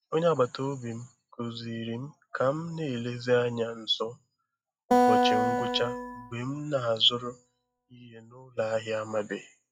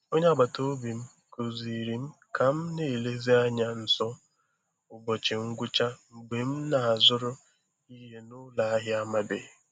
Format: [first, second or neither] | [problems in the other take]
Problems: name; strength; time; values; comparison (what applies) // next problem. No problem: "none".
second | noise reduction (classical method log-MMSE)